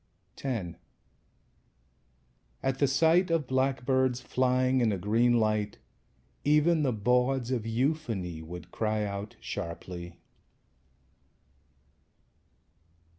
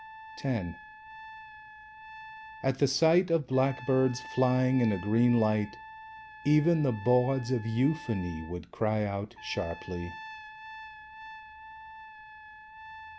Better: first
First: none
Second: background sound (Trumpet); 16 dB below the speech

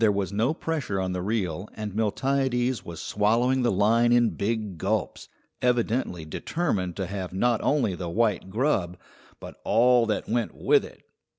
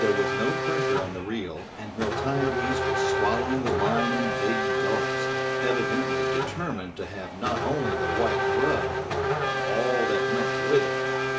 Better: first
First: none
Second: background sound (Race car, auto racing / Accelerating, revving, vroom); 3 dB above the speech // room echo; dies away in 0.2 s

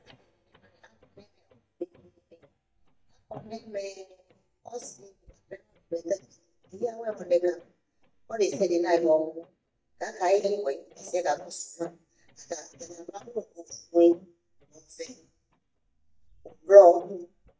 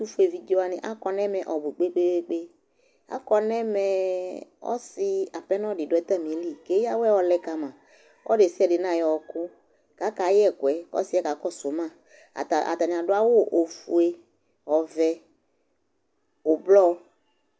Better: second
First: noise reduction (neural mask model DeepFilterNet 3)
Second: none

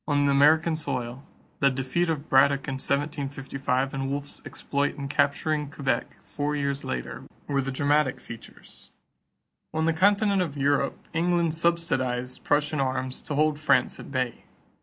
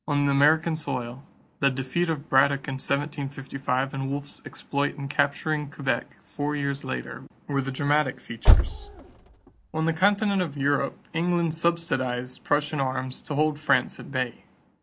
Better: first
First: none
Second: background sound (Car); 4 dB above the speech

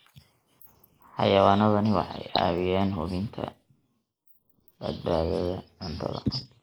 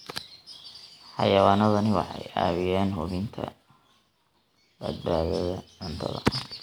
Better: second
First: noise reduction (neural mask model Resemble Enhance denoiser)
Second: none

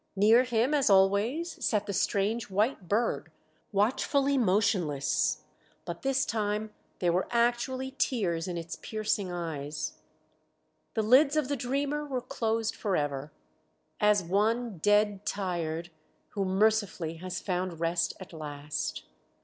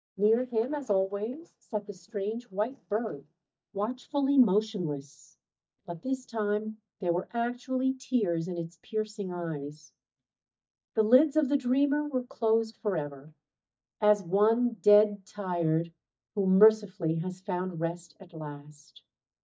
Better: first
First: none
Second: noise reduction (neural mask model DeepFilterNet 3)

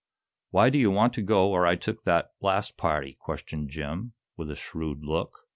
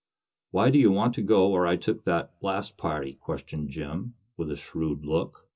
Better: first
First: none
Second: room echo; dies away in 0.2 s

